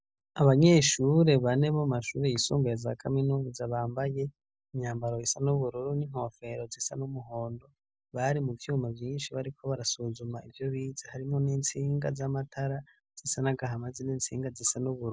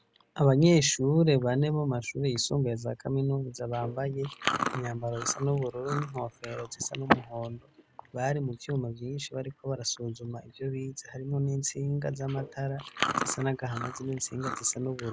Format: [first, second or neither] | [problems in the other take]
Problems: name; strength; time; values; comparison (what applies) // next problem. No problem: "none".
first | background sound (Chewing, mastication); 9 dB below the speech